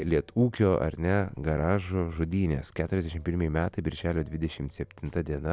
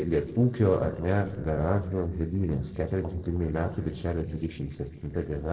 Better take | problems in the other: first | noise reduction (neural separator model SepFormer DNS4)

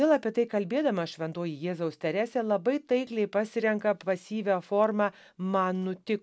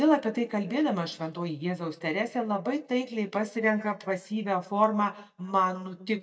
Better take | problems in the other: first | noise reduction (neural mask model DeepFilterNet 3)

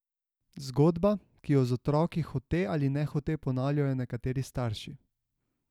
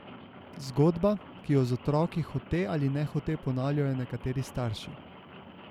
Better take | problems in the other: first | background sound (Rain); 18 dB below the speech

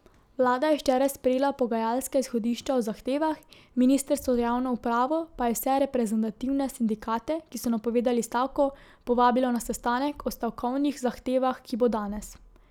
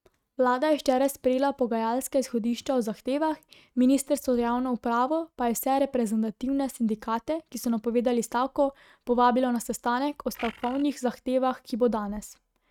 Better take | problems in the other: first | noise reduction (neural mask model RNNoise)

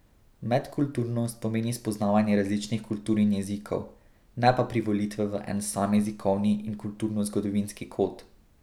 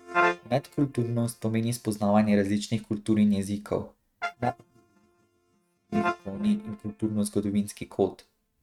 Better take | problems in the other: first | noise reduction (neural mask model RNNoise)

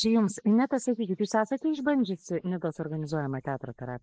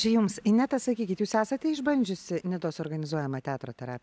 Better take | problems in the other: second | noise reduction (neural mask model Resemble Enhance denoiser)

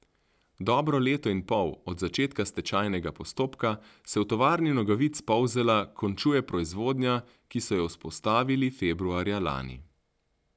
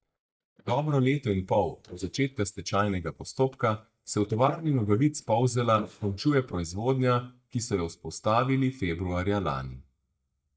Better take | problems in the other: first | noise reduction (neural mask model DeepFilterNet 3)

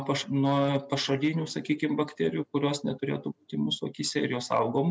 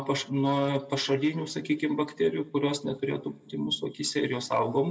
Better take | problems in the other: first | room echo; dies away in 0.7 s

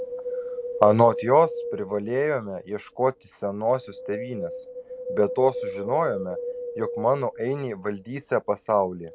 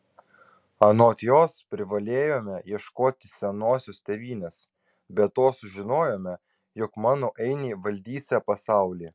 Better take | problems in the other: second | background sound (Wind); 10 dB below the speech

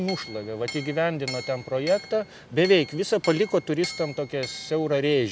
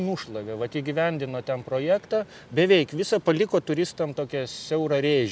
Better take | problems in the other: second | background sound (Chink, clink); 14 dB below the speech

